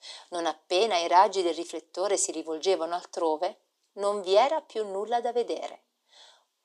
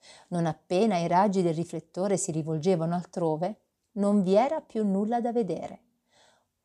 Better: second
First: thin; very; fading below 300 Hz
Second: none

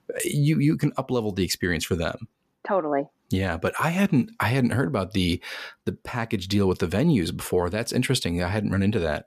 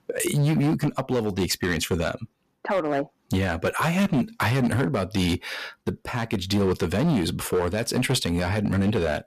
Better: first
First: none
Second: distortion; slight; 11% of the sound clipped

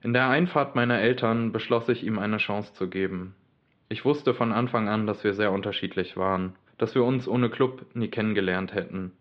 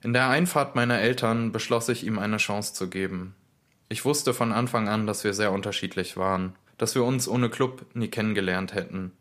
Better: second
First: muffled; very; fading above 3.5 kHz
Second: none

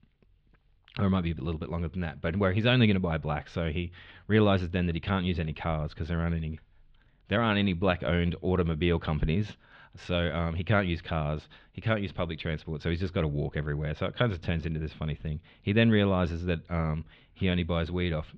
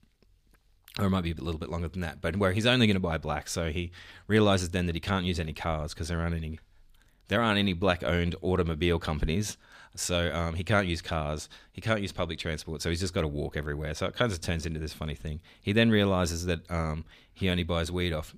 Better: second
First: muffled; slightly; fading above 3 kHz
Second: none

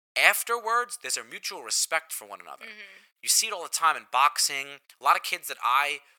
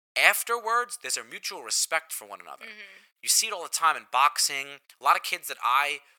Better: neither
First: thin; very; fading below 750 Hz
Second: thin; very; fading below 750 Hz

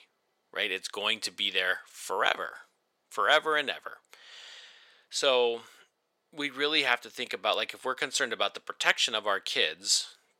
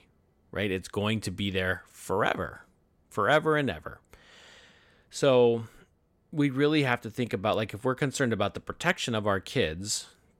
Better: second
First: thin; very; fading below 600 Hz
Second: none

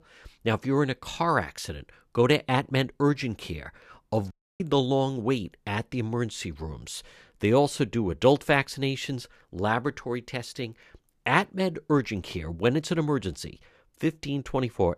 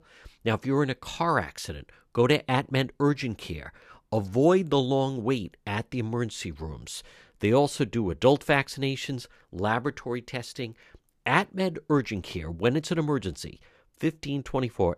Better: second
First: audio cutting out; at 4.5 s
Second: none

